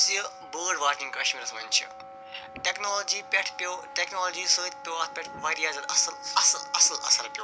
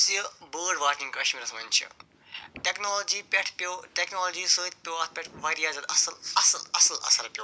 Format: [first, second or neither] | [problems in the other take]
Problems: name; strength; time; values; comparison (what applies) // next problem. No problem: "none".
second | background sound (Wind instrument, woodwind instrument); 15 dB below the speech